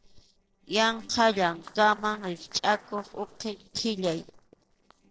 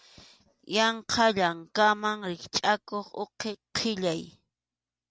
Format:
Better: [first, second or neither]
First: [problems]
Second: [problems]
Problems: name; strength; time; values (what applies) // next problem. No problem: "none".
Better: second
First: noise reduction (neural separator model SepFormer DNS4)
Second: none